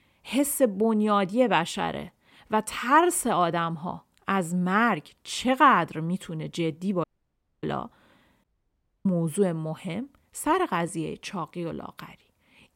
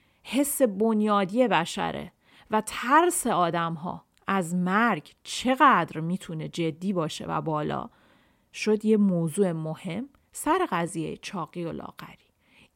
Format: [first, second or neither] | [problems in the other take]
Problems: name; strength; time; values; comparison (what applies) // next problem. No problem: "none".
second | audio cutting out; at 7 s for 0.5 s and at 8.5 s for 0.5 s